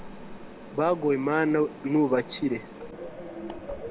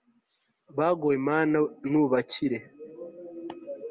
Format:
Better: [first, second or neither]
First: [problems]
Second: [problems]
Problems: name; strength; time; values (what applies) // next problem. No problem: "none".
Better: second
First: background sound (Mechanisms); 14 dB below the speech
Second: none